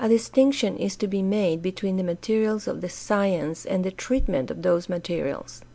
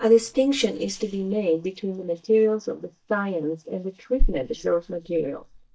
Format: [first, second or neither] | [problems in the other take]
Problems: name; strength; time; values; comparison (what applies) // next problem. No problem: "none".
first | noise reduction (neural mask model DeepFilterNet 3)